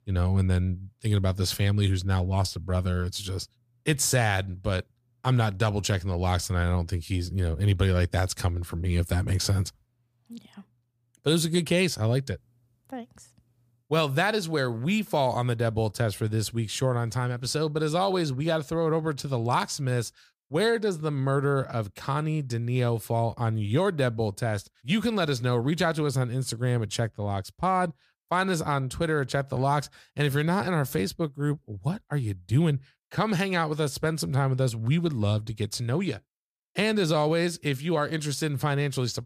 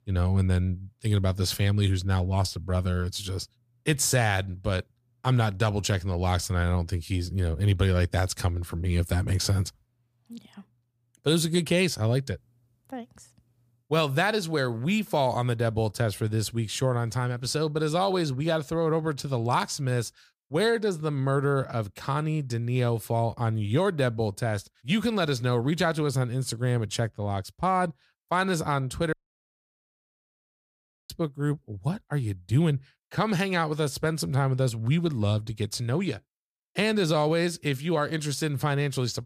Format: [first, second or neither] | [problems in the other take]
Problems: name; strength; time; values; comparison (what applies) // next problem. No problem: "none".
first | audio cutting out; at 29 s for 2 s